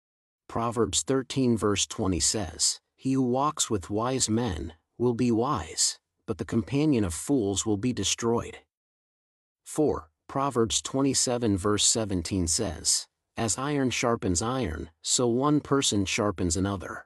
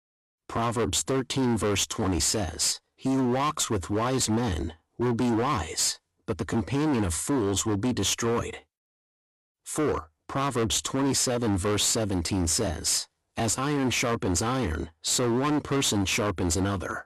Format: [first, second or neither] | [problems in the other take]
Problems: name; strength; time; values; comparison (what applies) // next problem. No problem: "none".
first | distortion; heavy; 23% of the sound clipped